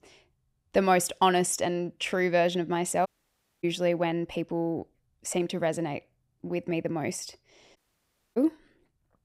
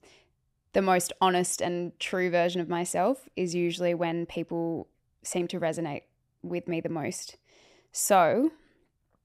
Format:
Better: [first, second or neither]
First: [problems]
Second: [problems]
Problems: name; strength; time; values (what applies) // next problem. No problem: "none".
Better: second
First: audio cutting out; at 3 s for 0.5 s and at 8 s for 0.5 s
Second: none